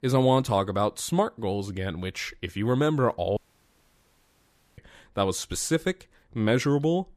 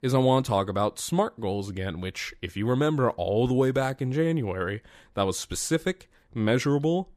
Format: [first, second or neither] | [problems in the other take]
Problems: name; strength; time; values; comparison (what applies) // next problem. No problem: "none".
second | audio cutting out; at 3.5 s for 1.5 s